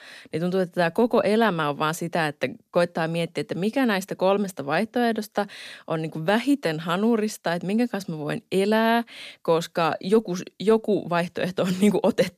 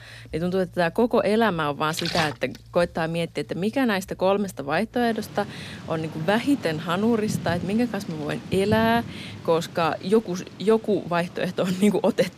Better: first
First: none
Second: rain or running water; noticeable; throughout; 10 dB below the speech

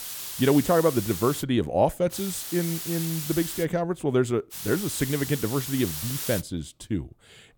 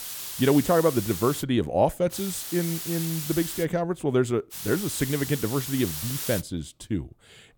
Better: neither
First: hiss; loud; until 1.5 s, from 2 to 3.5 s and from 4.5 to 6.5 s; 7 dB below the speech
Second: hiss; loud; until 1.5 s, from 2 to 3.5 s and from 4.5 to 6.5 s; 7 dB below the speech

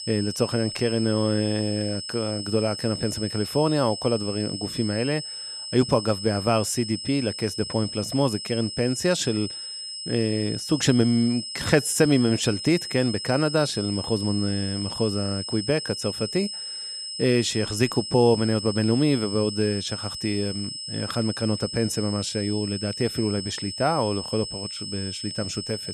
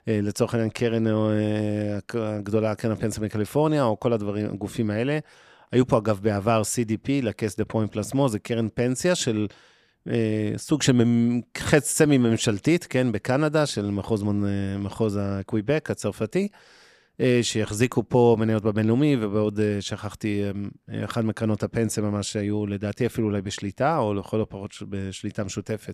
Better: second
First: high-pitched whine; loud; throughout; 5 kHz, 7 dB below the speech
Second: none

